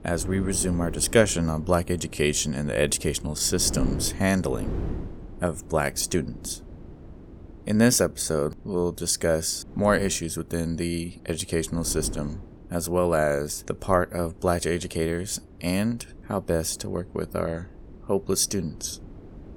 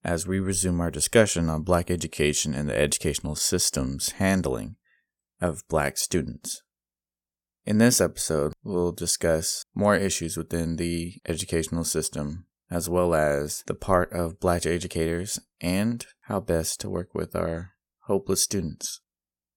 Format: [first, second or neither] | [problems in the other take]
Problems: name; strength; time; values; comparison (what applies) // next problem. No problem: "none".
second | wind noise on the microphone; occasional gusts; 20 dB below the speech